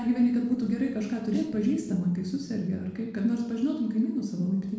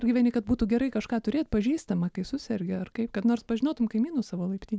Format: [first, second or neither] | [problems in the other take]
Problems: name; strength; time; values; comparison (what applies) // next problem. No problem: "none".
second | noise reduction (neural separator model SepFormer DNS4)